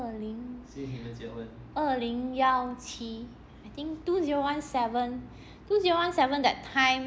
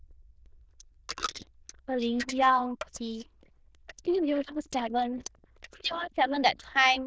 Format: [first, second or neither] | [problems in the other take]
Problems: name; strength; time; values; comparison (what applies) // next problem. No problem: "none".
first | noise reduction (neural diffusion model UNIVERSE++)